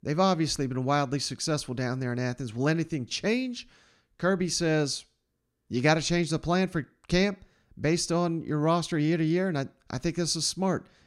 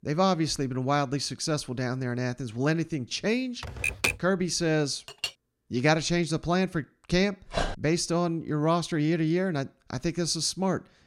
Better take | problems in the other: first | keyboard typing; loud; at 3.5 s; peak 1 dB above the speech // clattering dishes; noticeable; at 5 s; peak 7 dB below the speech // dog barking; noticeable; at 7.5 s; peak 4 dB below the speech

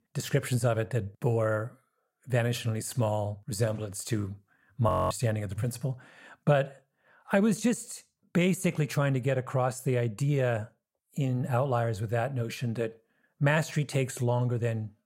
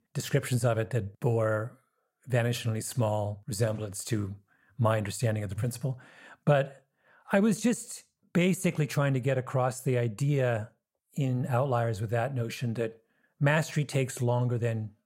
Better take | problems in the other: second | audio freezing; at 5 s

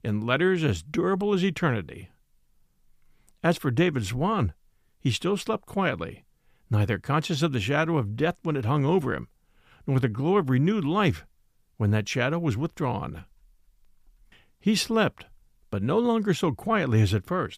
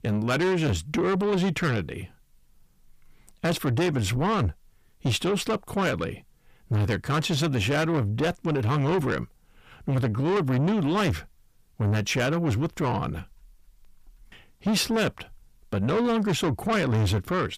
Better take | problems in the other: first | distortion; heavy; 7 dB below the speech

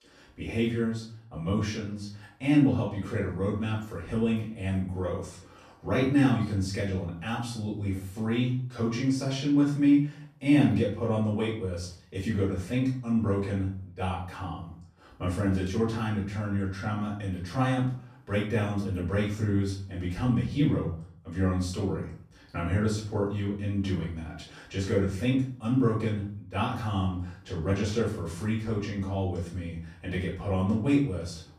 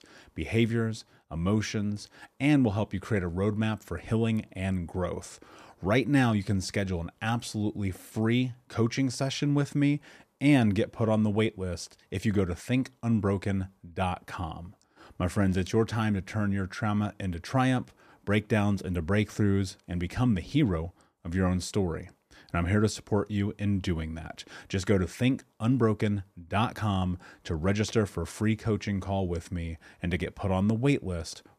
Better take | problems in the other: second | off-mic speech; far // room echo; noticeable; dies away in 0.5 s

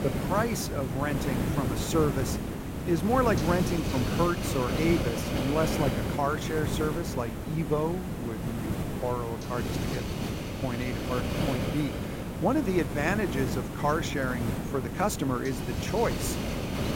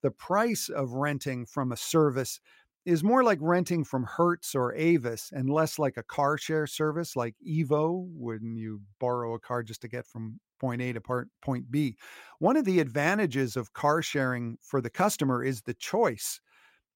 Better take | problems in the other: second | hiss; loud; throughout; 1 dB below the speech

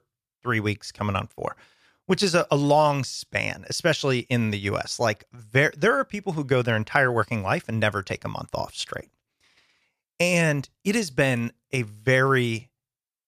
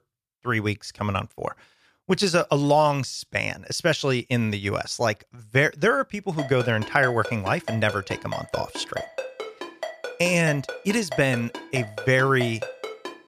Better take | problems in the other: first | phone ringing; noticeable; from 6.5 s on; peak 9 dB below the speech

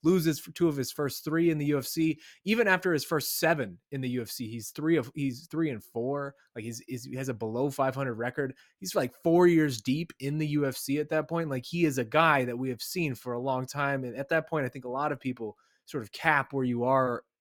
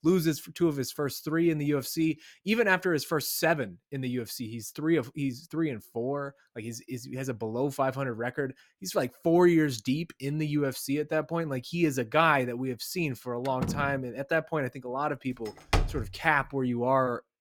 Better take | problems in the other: first | door banging; noticeable; at 13 s and at 16 s; peak 1 dB below the speech

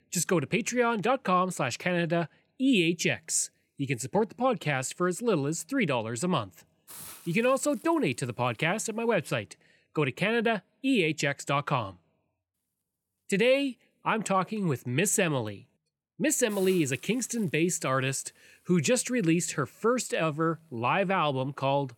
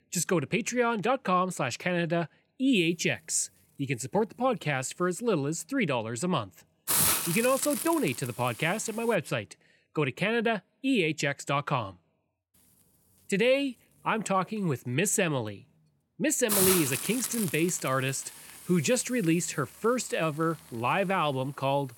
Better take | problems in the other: first | hiss; loud; from 2.5 to 9 s and from 13 s on; 1 dB below the speech; faint in the first

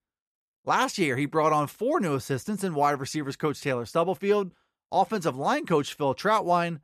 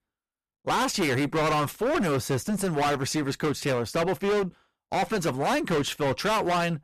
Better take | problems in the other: first | distortion; heavy; 27% of the sound clipped

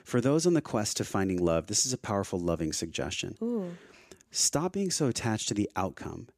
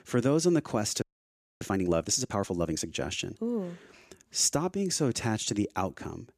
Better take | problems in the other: first | audio freezing; at 1 s for 0.5 s

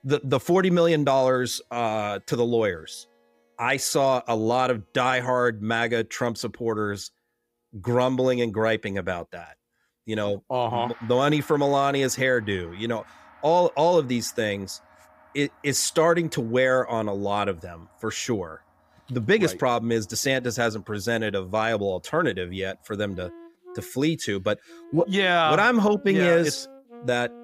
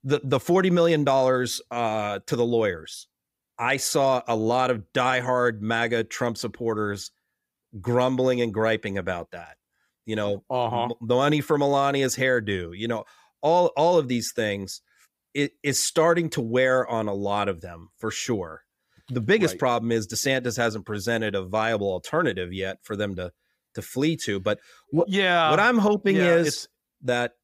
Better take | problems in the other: second | background music; faint; throughout; 25 dB below the speech

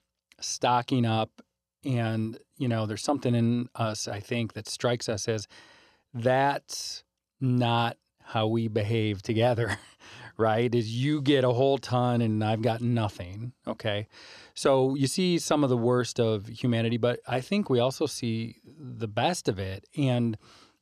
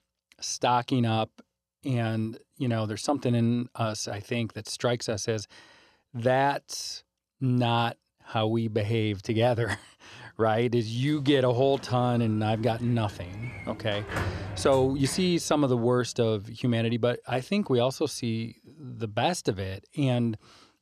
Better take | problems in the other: first | door banging; noticeable; from 11 to 15 s; peak 4 dB below the speech

